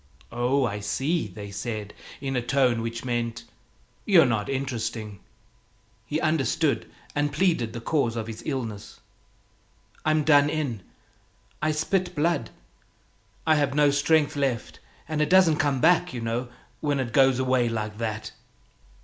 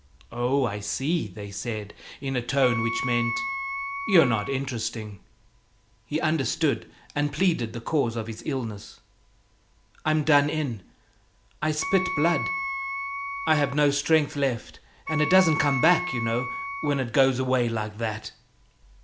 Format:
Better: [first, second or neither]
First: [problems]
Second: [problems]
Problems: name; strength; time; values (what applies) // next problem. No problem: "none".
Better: first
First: none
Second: background sound (Wind instrument, woodwind instrument); 5 dB below the speech